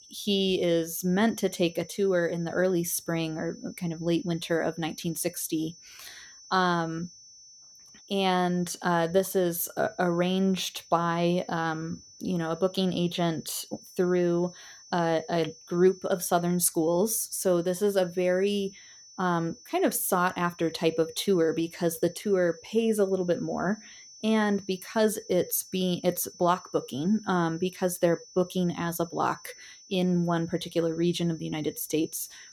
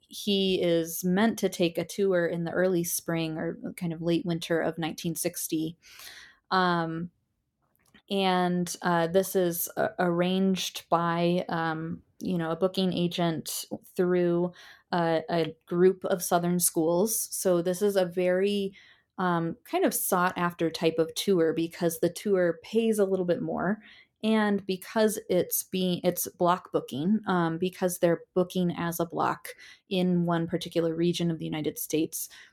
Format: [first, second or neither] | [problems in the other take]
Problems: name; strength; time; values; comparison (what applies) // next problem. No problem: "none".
second | high-pitched whine; faint; throughout; 6 kHz, 20 dB below the speech